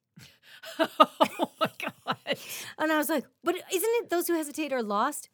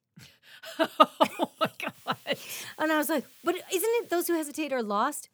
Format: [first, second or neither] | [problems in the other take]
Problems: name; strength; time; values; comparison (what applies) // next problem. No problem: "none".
first | hiss; faint; from 2 to 4.5 s; 25 dB below the speech